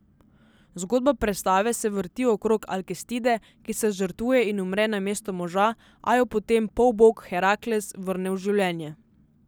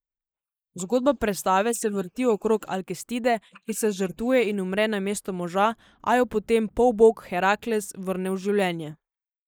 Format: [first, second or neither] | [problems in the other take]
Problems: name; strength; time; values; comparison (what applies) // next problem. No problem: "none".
first | noise reduction (neural mask model Resemble Enhance denoiser)